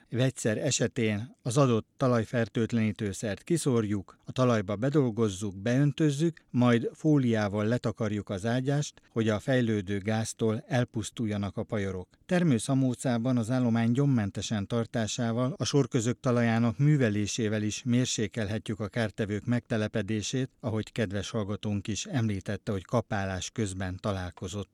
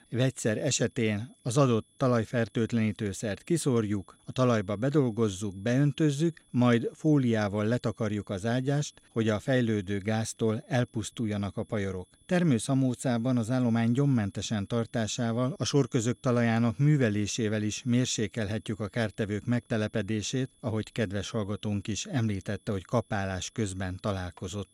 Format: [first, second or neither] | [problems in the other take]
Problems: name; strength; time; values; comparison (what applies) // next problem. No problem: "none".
first | high-pitched whine; faint; throughout; 10.5 kHz, 35 dB below the speech